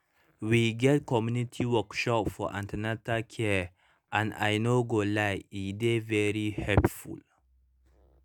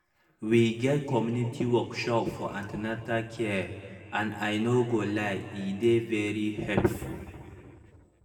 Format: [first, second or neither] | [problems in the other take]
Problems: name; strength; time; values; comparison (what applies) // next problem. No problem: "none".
first | room echo; dies away in 2.1 s